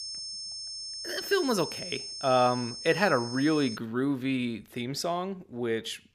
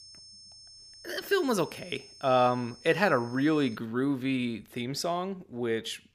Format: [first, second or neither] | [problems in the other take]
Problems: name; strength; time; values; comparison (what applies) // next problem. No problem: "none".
second | high-pitched whine; loud; until 4 s; 5.5 kHz, 8 dB below the speech; faint in the second